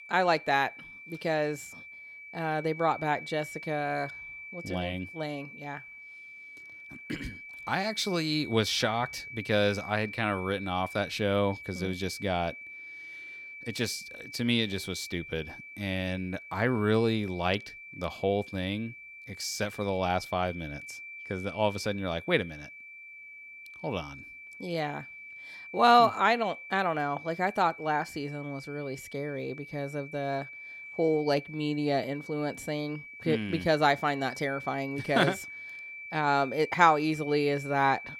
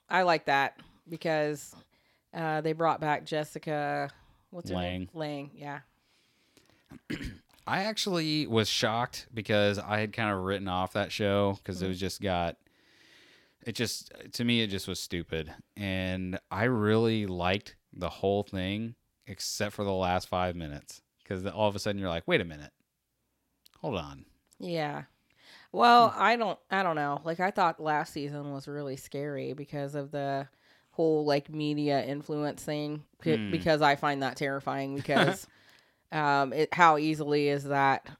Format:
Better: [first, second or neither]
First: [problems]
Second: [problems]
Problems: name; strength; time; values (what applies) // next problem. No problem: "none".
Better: second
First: high-pitched whine; noticeable; throughout; 2.5 kHz, 15 dB below the speech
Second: none